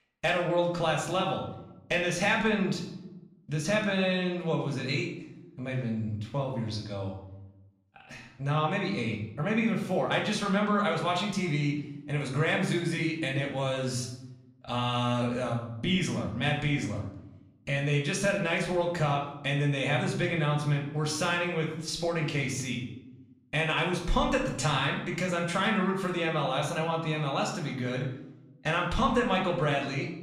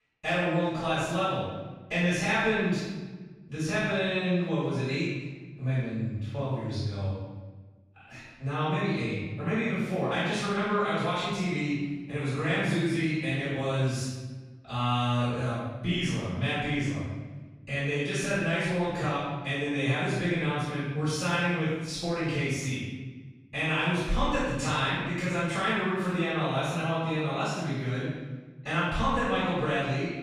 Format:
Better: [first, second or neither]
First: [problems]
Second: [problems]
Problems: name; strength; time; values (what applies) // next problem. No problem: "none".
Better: first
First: room echo; slight; dies away in 0.6 s // off-mic speech; somewhat distant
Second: room echo; strong; dies away in 1.1 s // off-mic speech; far